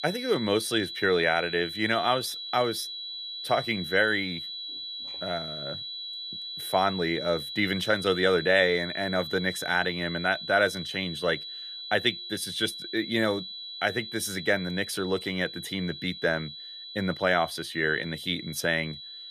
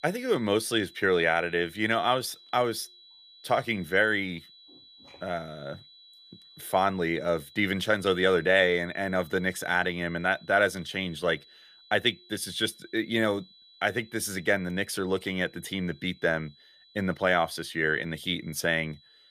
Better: second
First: high-pitched whine; loud; throughout; 4 kHz, 8 dB below the speech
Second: high-pitched whine; faint; throughout; 4 kHz, 25 dB below the speech

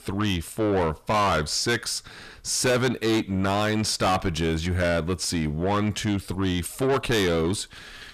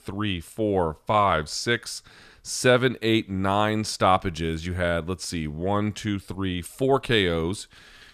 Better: second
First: distortion; heavy; 6 dB below the speech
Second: none

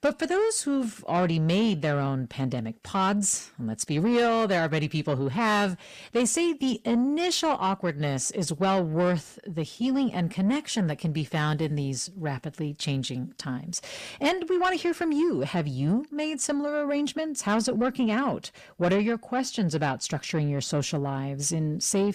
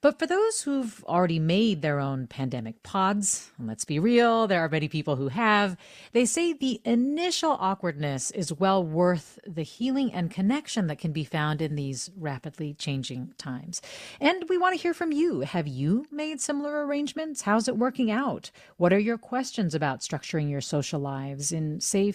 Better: second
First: distortion; slight; 10 dB below the speech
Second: none

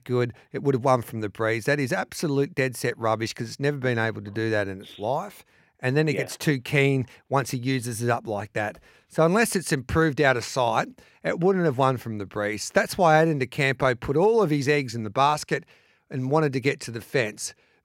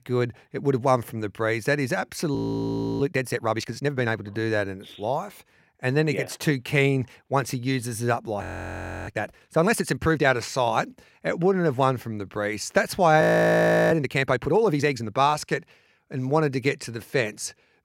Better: first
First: none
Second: audio freezing; at 2.5 s for 0.5 s, at 8.5 s for 0.5 s and at 13 s for 0.5 s

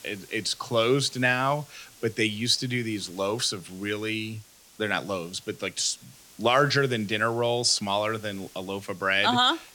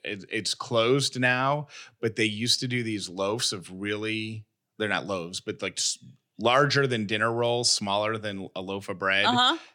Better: second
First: hiss; faint; throughout; 25 dB below the speech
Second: none

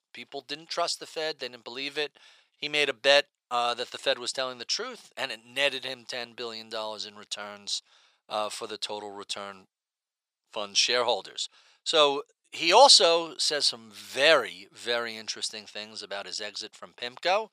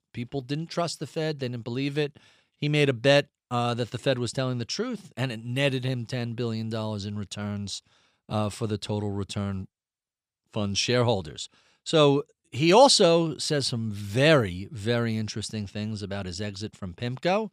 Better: second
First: thin; very; fading below 700 Hz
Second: none

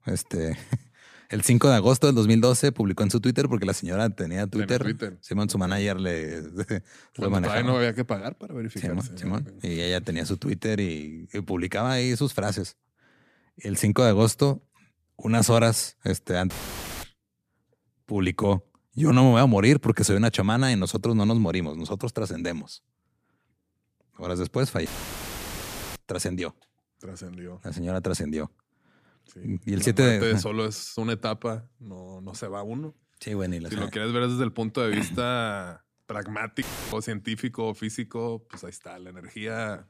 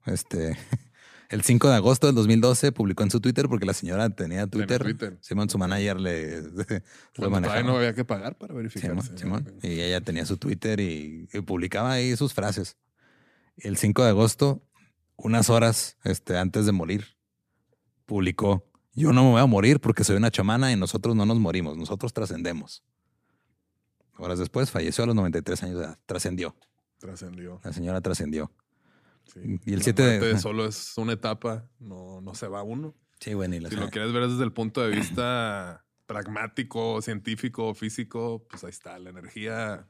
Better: second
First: audio cutting out; filled with static; at 17 s for 0.5 s, at 25 s for 1 s and at 37 s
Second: none

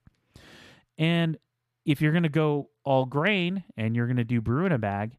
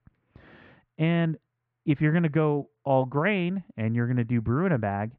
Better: first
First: none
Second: muffled; very; fading above 2 kHz

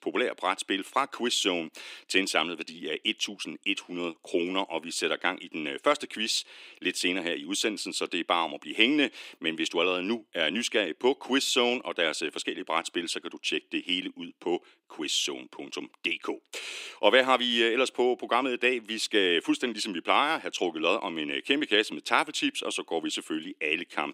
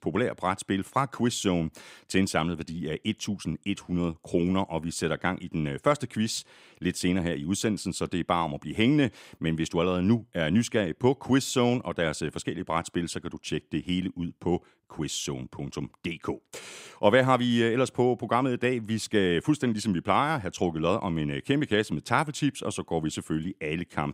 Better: second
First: thin; very slightly; fading below 300 Hz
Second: none

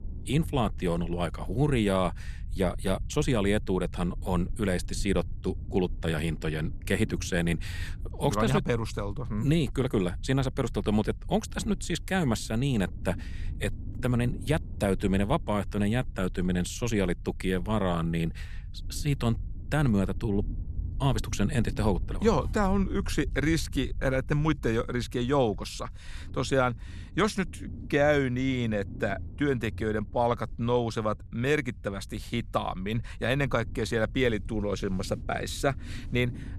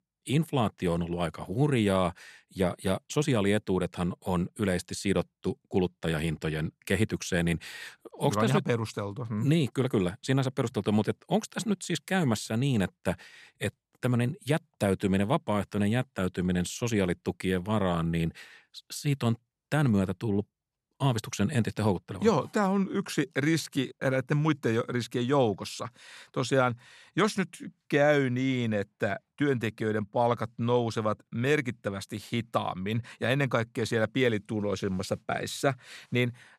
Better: second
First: low rumble; faint; throughout; 25 dB below the speech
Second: none

